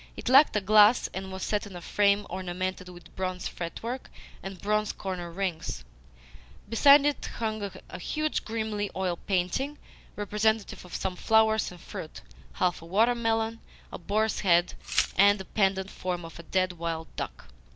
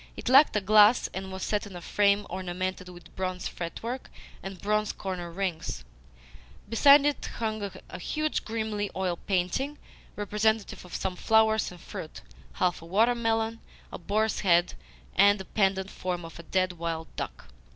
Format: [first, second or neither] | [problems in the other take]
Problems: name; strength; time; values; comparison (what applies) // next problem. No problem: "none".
second | background sound (Glass); 6 dB below the speech